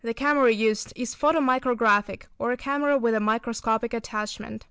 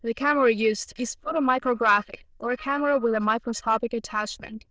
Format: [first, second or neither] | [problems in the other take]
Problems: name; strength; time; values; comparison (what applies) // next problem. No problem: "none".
first | noise reduction (neural diffusion model UNIVERSE++)